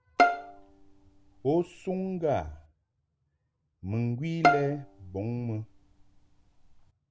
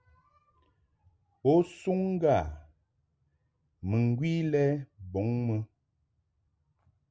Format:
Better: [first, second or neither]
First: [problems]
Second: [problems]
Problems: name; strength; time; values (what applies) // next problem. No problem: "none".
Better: second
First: background sound (Bowed string instrument); 2 dB above the speech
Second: none